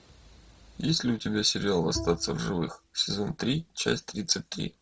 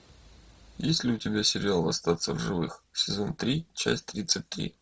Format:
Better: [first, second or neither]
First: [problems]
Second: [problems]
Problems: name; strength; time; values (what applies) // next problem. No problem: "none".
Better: second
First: background sound (Bowed string instrument); 13 dB below the speech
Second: none